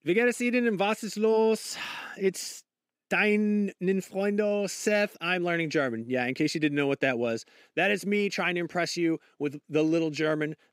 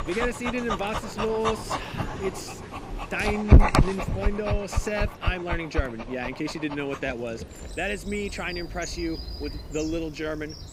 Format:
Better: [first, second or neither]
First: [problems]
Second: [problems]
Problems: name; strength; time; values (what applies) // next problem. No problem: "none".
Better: first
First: none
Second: animal sounds; very loud; throughout; 3 dB above the speech